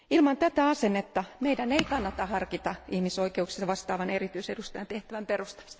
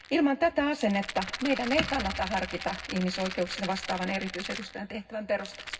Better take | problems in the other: first | background sound (Rattle); 10 dB below the speech // room echo; dies away in 0.4 s

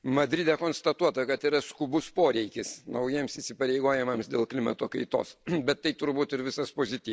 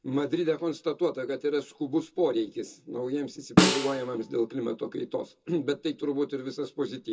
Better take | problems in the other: first | background sound (Snare drum); 3 dB above the speech // room echo; dies away in 0.2 s

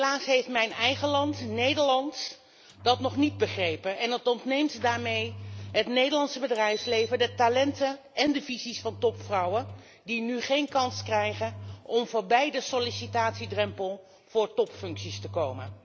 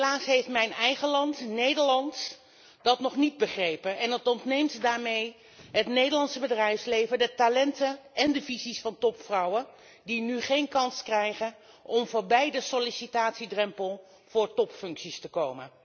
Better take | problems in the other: second | background sound (Engine); 15 dB below the speech

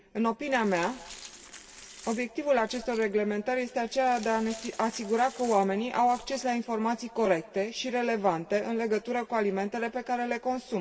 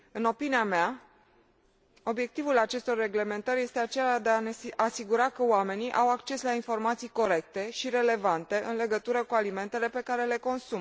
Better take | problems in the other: second | background sound (Glass); 20 dB below the speech // room echo; dies away in 2.3 s

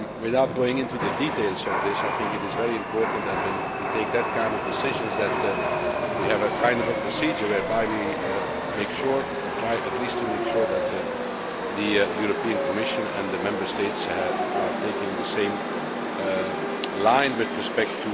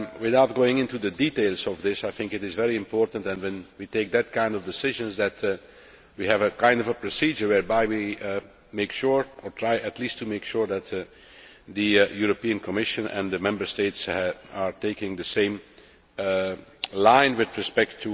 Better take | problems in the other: second | background sound (Chatter / Subway, metro, underground); as loud as the speech

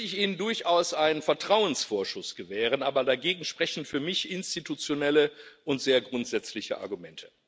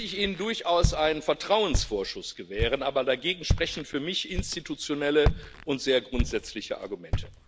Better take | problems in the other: first | background sound (Walk, footsteps); 4 dB below the speech

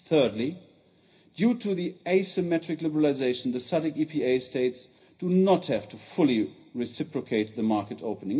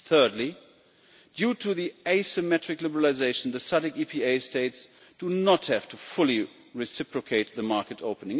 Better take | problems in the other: second | room echo; dies away in 0.4 s

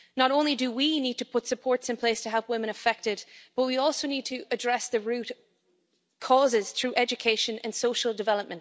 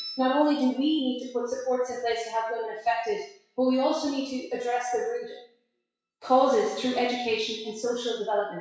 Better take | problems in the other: first | noise reduction (classical method WPE with log-MMSE)

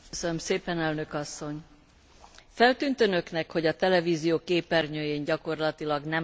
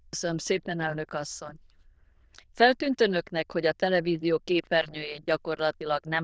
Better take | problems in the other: first | noise reduction (neural diffusion model UNIVERSE++)

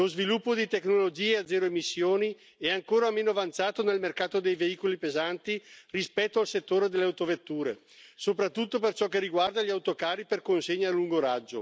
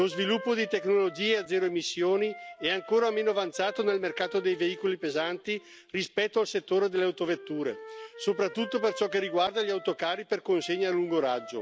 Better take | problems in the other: first | background sound (Wind instrument, woodwind instrument); 16 dB below the speech

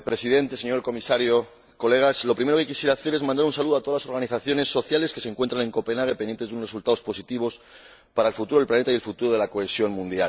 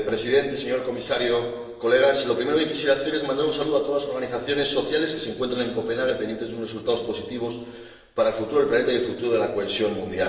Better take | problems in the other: first | room echo; dies away in 1.1 s

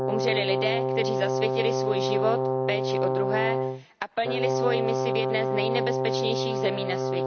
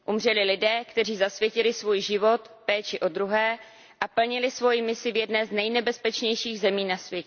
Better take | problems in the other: second | background sound (Brass instrument); 3 dB above the speech

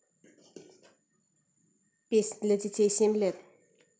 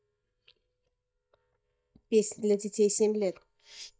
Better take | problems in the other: first | noise reduction (neural mask model DeepFilterNet 3)

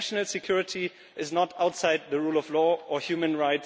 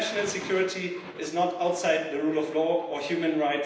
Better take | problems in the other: first | background sound (Thunder); 18 dB below the speech // room echo; dies away in 0.9 s

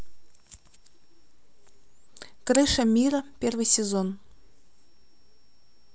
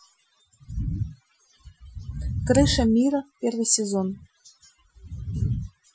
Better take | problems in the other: first | noise reduction (classical method Wiener filter)

